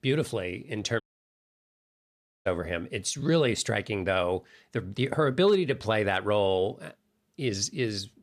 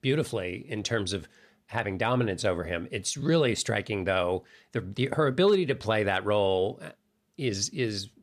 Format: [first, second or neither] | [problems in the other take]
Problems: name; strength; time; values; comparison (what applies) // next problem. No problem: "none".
second | audio cutting out; at 1 s for 1.5 s